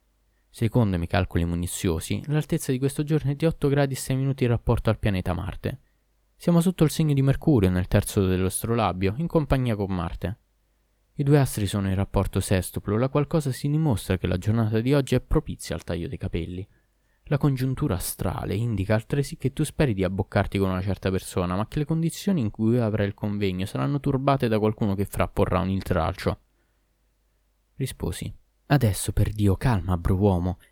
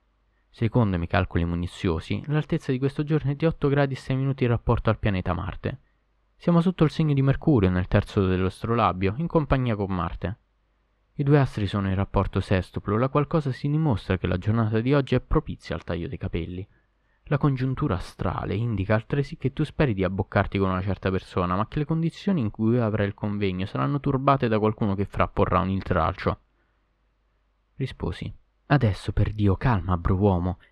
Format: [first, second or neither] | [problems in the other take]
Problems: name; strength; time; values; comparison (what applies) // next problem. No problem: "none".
first | muffled; slightly; fading above 3 kHz